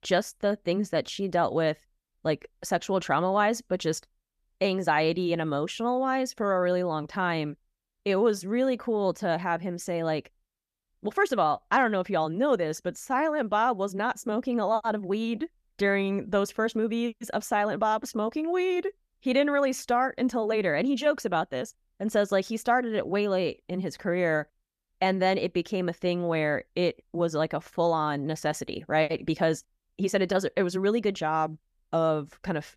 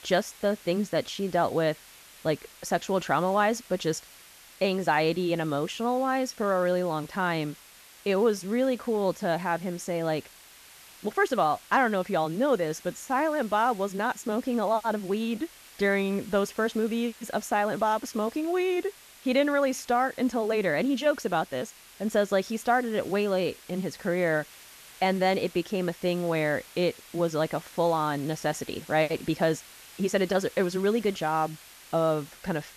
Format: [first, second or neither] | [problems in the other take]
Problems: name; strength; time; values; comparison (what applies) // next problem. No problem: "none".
first | hiss; faint; throughout; 20 dB below the speech